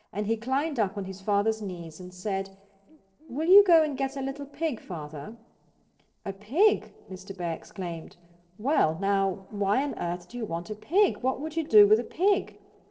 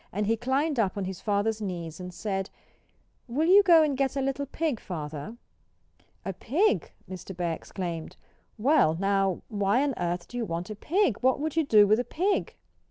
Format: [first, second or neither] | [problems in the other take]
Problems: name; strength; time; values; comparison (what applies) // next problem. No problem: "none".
second | noise reduction (neural separator model SepFormer DNS4)